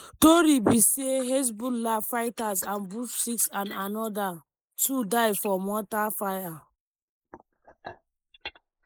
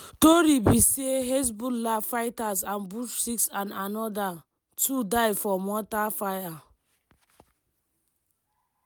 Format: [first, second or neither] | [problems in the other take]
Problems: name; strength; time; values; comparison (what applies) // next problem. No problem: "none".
second | noise reduction (neural mask model Resemble Enhance denoiser)